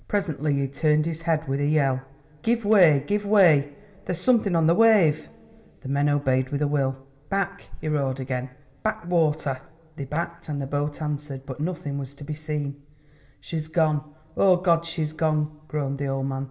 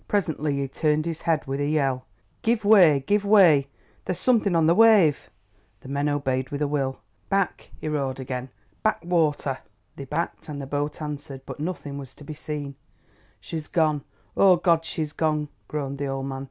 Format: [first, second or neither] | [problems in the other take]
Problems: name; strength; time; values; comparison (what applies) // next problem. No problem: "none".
second | room echo; dies away in 1 s